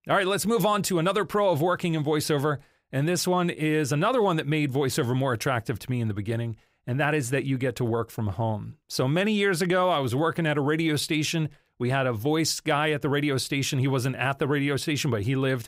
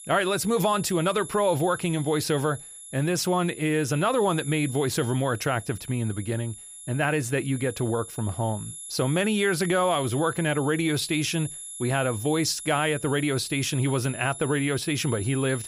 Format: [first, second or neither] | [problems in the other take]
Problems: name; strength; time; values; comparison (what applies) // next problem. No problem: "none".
first | high-pitched whine; noticeable; throughout; 11 kHz, 10 dB below the speech